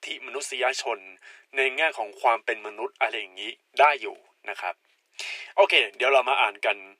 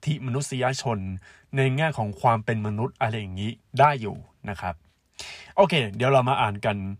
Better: second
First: thin; very; fading below 350 Hz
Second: none

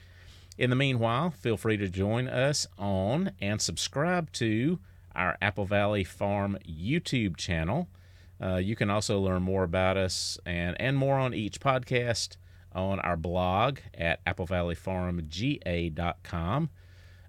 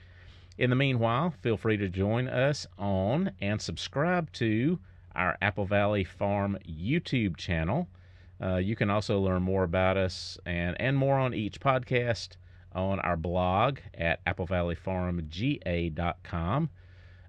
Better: first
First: none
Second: muffled; slightly; fading above 3.5 kHz

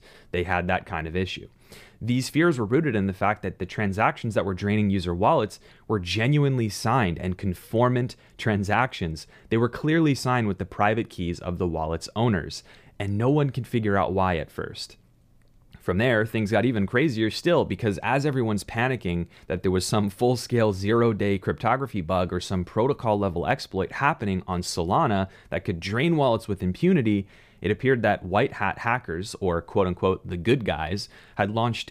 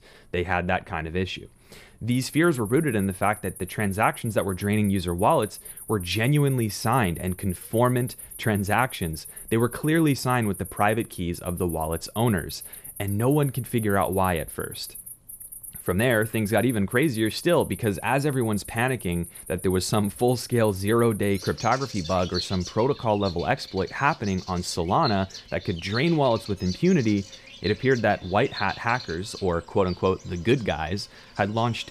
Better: first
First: none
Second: animal sounds; noticeable; throughout; 15 dB below the speech

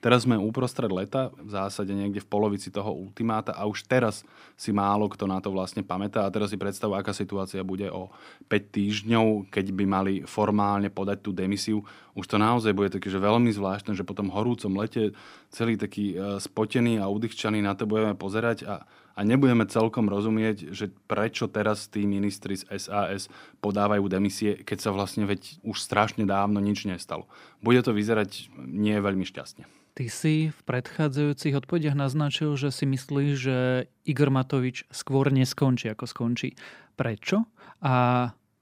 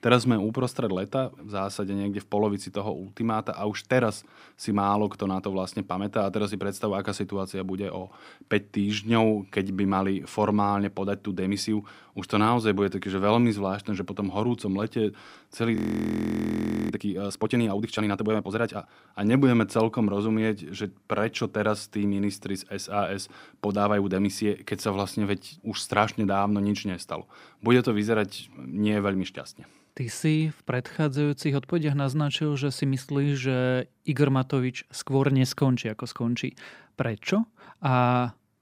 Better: first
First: none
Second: audio freezing; at 16 s for 1 s

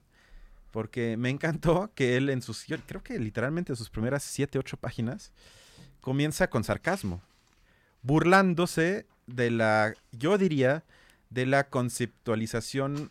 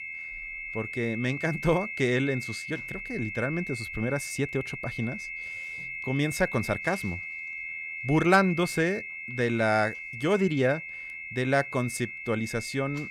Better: first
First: none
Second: high-pitched whine; loud; throughout; 2 kHz, 7 dB below the speech

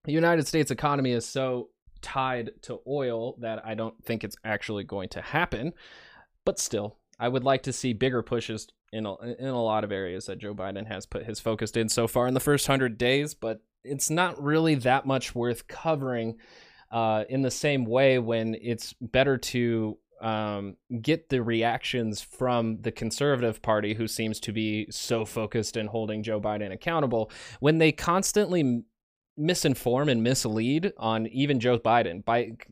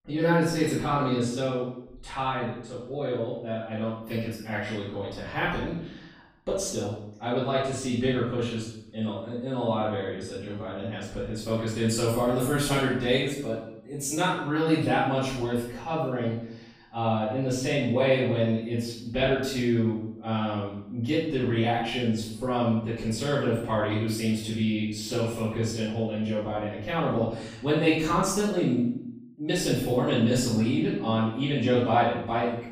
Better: first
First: none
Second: off-mic speech; far // room echo; noticeable; dies away in 0.7 s

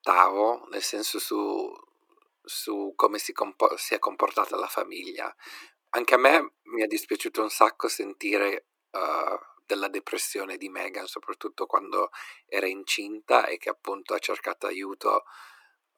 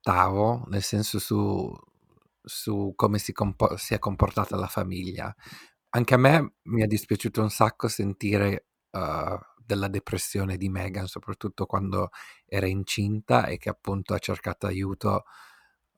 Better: second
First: thin; very; fading below 300 Hz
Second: none

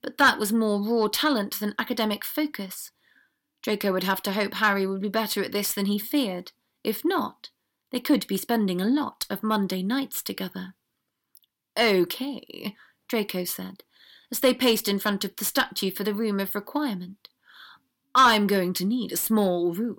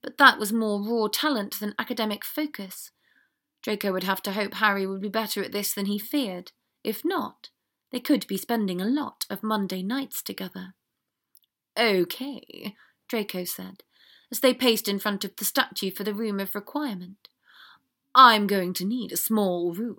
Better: second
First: distortion; slight; 10 dB below the speech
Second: none

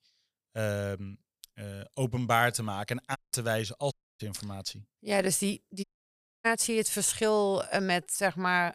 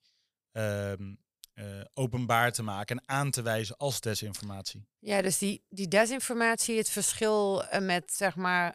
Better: second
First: audio cutting out; at 3 s, at 4 s and at 6 s for 0.5 s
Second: none

